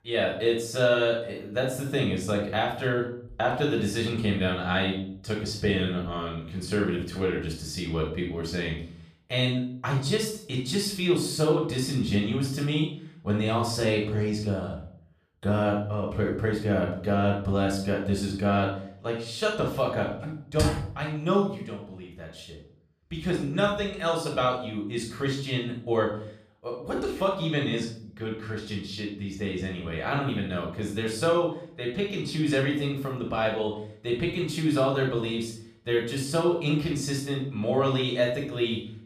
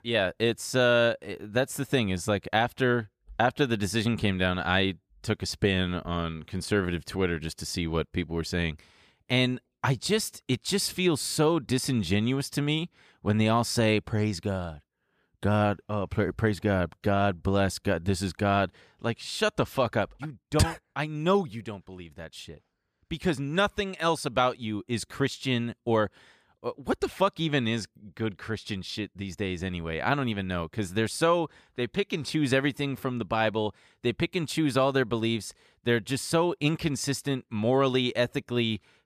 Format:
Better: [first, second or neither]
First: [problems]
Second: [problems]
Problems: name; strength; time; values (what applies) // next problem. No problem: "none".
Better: second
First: off-mic speech; far // room echo; noticeable; dies away in 0.5 s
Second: none